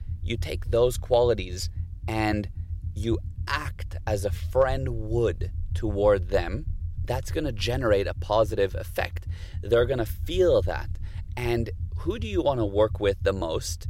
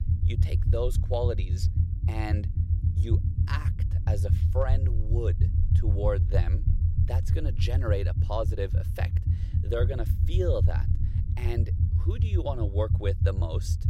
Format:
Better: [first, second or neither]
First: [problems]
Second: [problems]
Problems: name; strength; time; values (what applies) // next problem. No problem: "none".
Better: first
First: low rumble; faint; throughout; 25 dB below the speech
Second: low rumble; loud; throughout; 7 dB below the speech